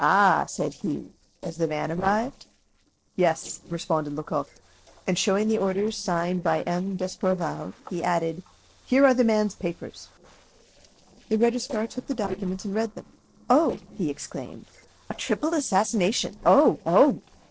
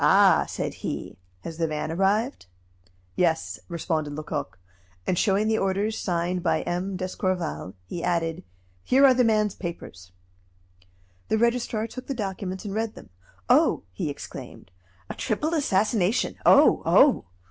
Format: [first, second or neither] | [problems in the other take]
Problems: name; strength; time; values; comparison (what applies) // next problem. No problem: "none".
second | noise reduction (neural separator model SepFormer DNS4)